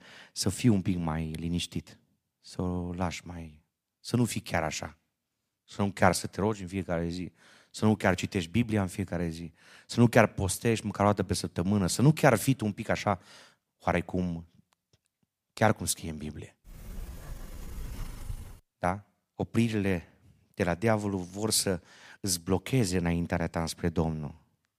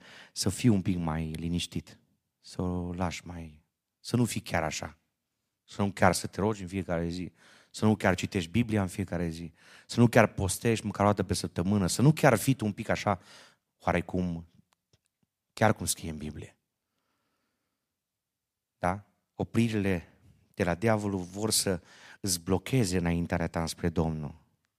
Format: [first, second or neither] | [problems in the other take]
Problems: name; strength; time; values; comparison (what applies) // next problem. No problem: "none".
second | door banging; faint; from 17 to 19 s; peak 15 dB below the speech